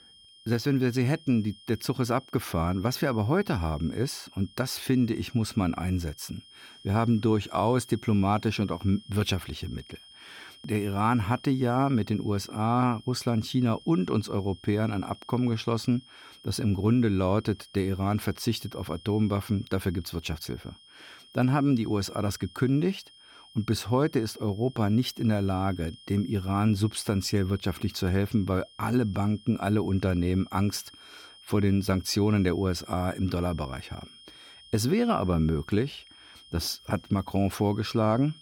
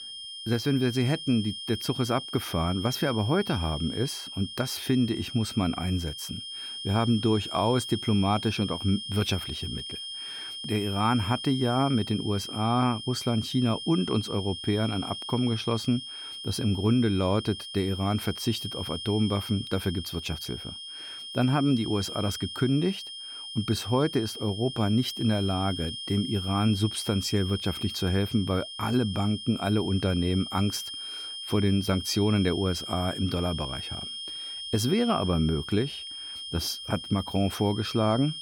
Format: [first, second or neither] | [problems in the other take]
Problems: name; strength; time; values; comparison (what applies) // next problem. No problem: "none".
first | high-pitched whine; loud; throughout; 3 kHz, 8 dB below the speech; faint in the first